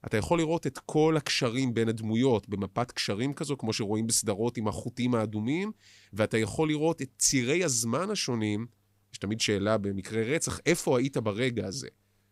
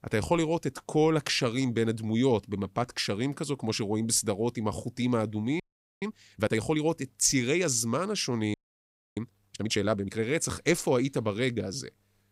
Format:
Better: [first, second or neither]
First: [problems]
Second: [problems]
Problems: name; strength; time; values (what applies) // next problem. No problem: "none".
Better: first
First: none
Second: audio freezing; at 5.5 s and at 8.5 s for 0.5 s